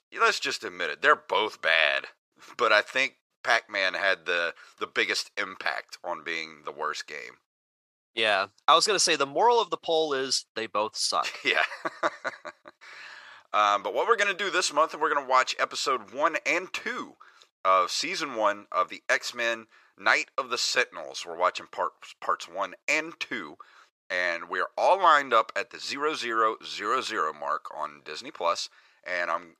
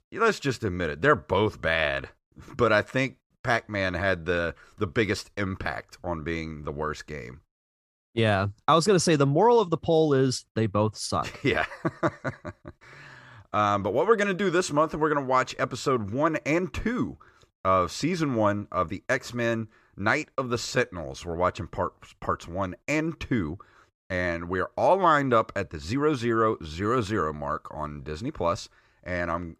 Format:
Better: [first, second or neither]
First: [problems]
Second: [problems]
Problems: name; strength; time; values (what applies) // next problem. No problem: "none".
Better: second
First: thin; very; fading below 650 Hz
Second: none